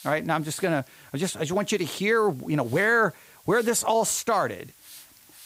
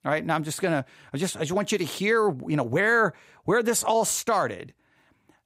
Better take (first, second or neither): second